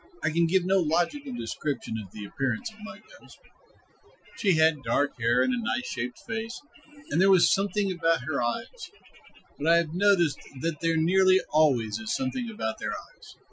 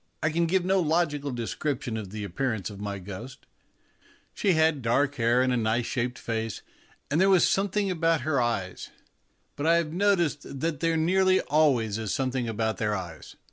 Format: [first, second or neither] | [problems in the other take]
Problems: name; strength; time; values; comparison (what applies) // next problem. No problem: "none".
second | noise reduction (classical method Wiener filter)